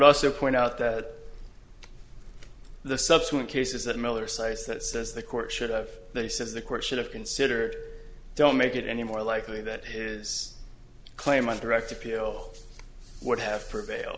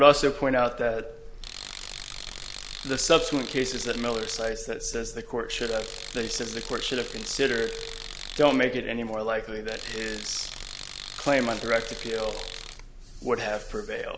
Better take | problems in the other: first | background sound (Tools); 12 dB below the speech

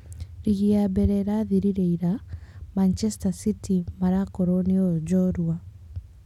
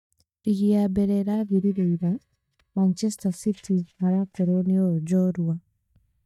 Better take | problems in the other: first | noise reduction (neural mask model DeepFilterNet 3)

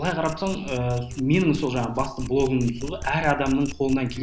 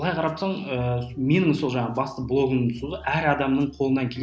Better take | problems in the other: second | background sound (Domestic sounds, home sounds); 12 dB below the speech

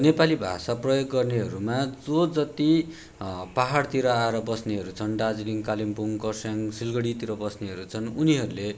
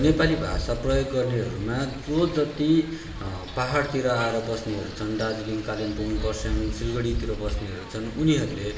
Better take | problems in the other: first | background sound (Wind); 8 dB below the speech // room echo; dies away in 1.6 s

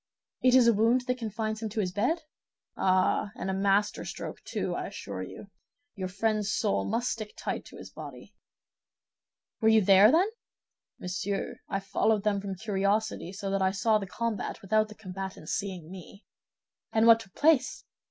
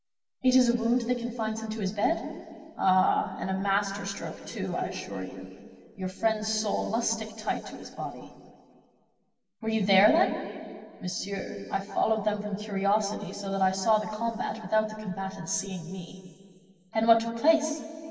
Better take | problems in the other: first | room echo; dies away in 2.4 s

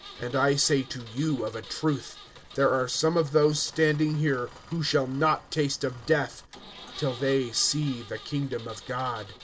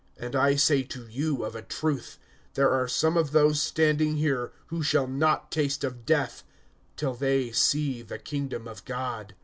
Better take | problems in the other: second | background sound (Engine); 19 dB below the speech

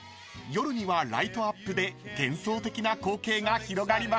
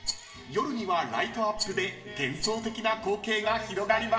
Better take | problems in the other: first | background sound (Rattle); 9 dB below the speech // room echo; dies away in 0.8 s

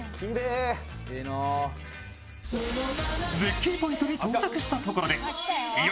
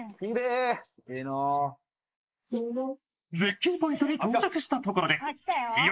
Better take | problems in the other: first | noise reduction (neural mask model Resemble Enhance denoiser)

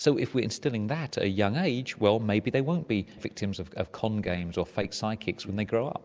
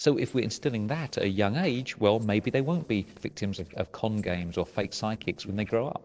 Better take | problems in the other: first | noise reduction (neural separator model SepFormer DNS4)

